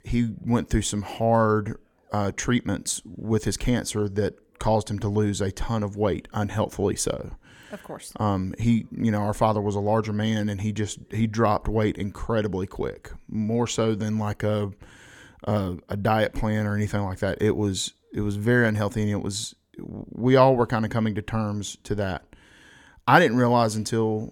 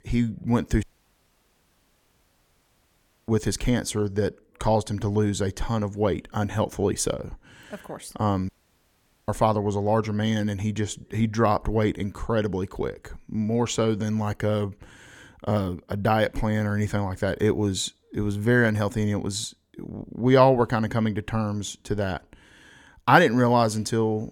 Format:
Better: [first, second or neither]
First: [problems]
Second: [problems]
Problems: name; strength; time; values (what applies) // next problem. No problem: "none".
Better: first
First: none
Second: audio cutting out; at 1 s for 2.5 s and at 8.5 s for 1 s